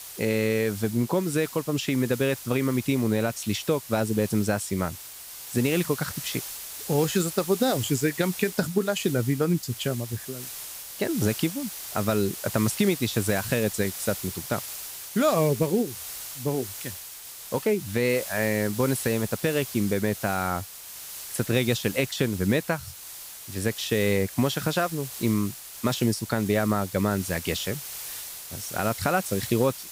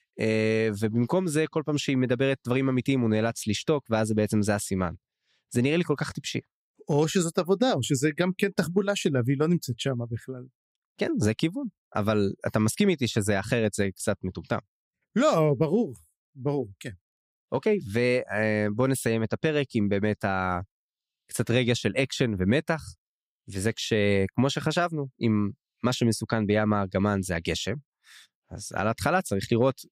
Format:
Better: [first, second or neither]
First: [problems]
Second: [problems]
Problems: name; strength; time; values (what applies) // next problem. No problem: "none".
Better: second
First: hiss; loud; throughout; 9 dB below the speech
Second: none